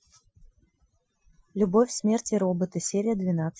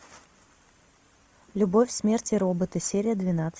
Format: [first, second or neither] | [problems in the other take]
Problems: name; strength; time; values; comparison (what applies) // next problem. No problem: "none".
second | noise reduction (classical method Wiener filter)